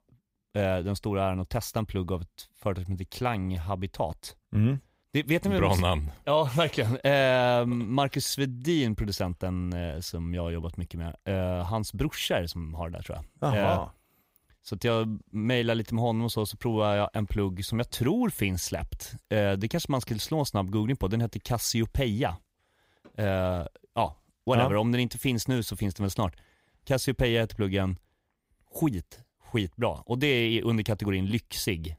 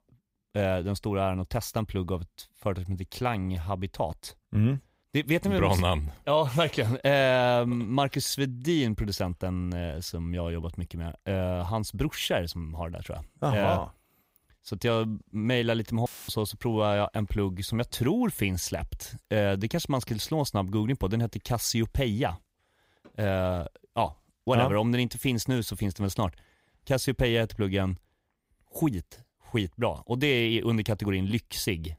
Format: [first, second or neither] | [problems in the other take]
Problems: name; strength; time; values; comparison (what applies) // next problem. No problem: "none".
first | audio cutting out; filled with static; at 16 s